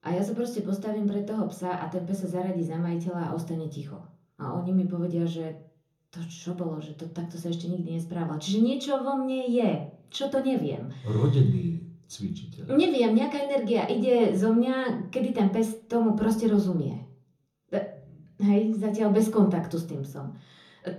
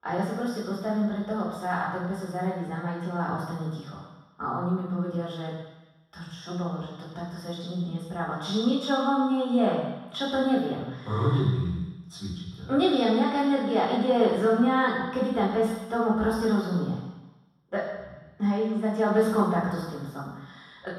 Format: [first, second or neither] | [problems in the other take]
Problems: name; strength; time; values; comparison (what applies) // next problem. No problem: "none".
first | room echo; strong; dies away in 1.2 s; slight in the first // off-mic speech; far; far in the first